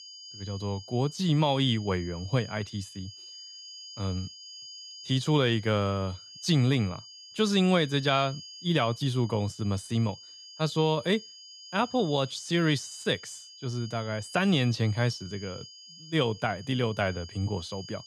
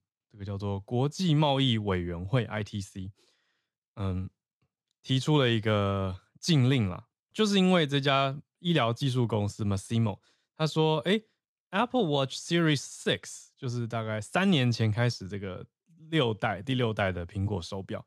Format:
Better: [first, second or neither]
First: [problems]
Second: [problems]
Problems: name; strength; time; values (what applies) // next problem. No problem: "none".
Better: second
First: high-pitched whine; noticeable; throughout; 5 kHz, 15 dB below the speech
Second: none